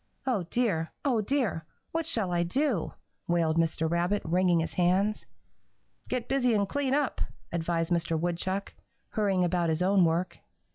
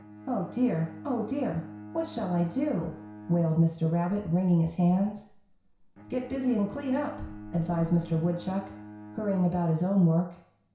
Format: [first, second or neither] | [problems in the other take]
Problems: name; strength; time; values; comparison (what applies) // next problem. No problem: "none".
first | background sound (Bowed string instrument); 17 dB below the speech // room echo; dies away in 0.6 s